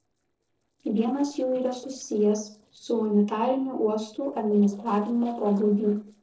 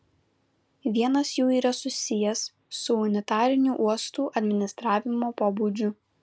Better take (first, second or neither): second